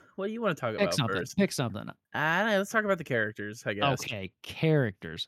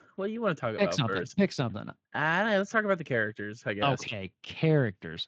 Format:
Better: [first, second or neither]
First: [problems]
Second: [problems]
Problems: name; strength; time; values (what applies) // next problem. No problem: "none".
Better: first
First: none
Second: garbled, watery; slightly